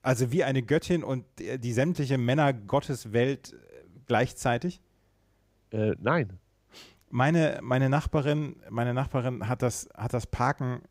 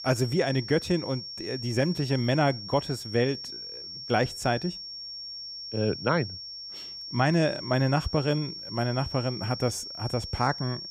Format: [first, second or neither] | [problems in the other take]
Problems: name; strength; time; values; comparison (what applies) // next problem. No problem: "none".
first | high-pitched whine; loud; throughout; 5.5 kHz, 8 dB below the speech